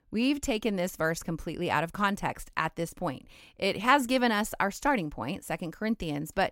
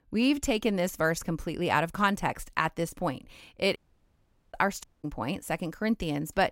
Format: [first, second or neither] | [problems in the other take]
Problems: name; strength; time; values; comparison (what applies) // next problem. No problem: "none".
first | audio cutting out; at 4 s for 1 s and at 5 s